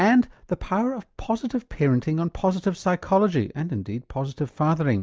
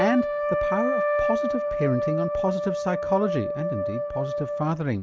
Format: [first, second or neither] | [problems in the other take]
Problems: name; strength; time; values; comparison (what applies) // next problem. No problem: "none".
first | background sound (Trumpet); 1 dB above the speech